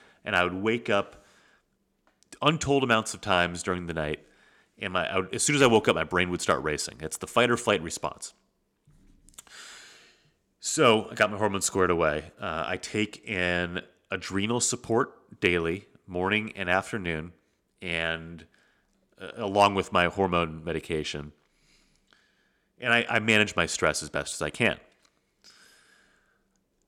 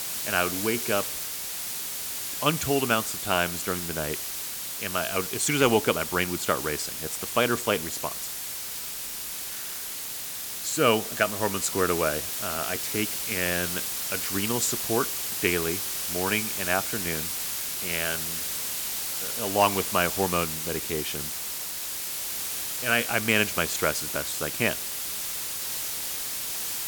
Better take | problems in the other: first | hiss; loud; throughout; 2 dB below the speech

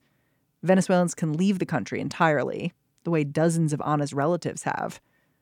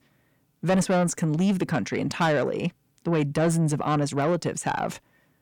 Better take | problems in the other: first | distortion; slight; 10 dB below the speech

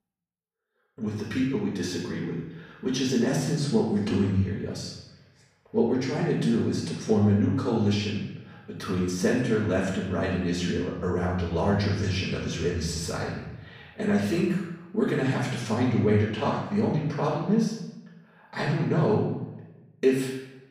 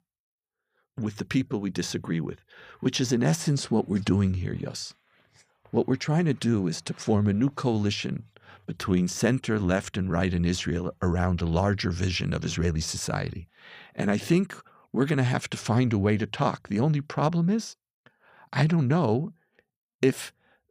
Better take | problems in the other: second | room echo; noticeable; dies away in 0.8 s // off-mic speech; far

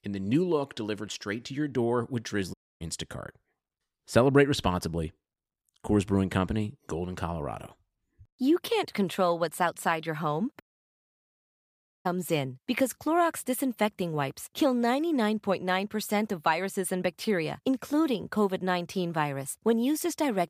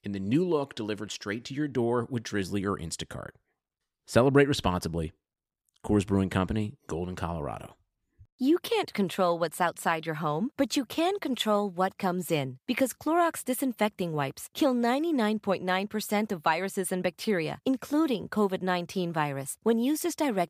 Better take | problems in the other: second | audio cutting out; at 2.5 s and at 11 s for 1.5 s

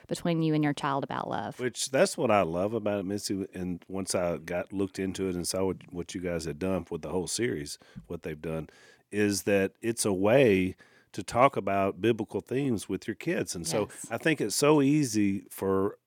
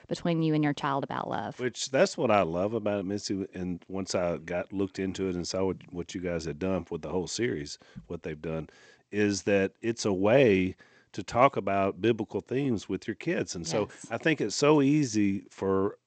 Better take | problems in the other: first | garbled, watery; slightly; nothing above 8 kHz

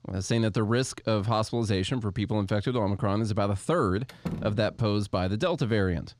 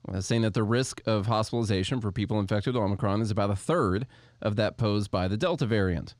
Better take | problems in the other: second | door banging; noticeable; at 4 s; peak 7 dB below the speech

